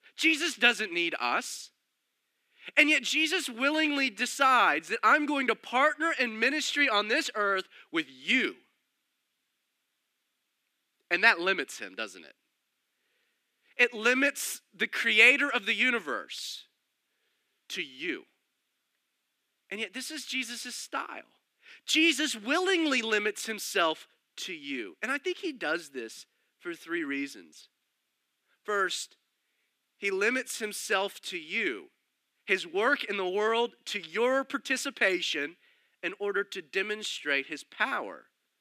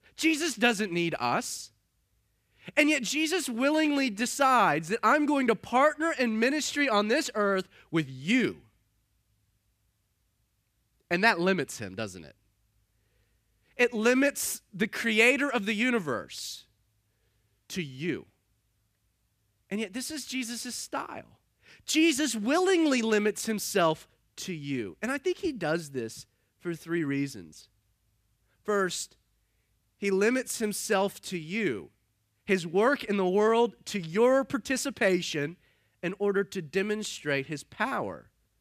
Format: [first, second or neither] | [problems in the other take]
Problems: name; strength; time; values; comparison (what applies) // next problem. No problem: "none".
second | thin; very slightly; fading below 250 Hz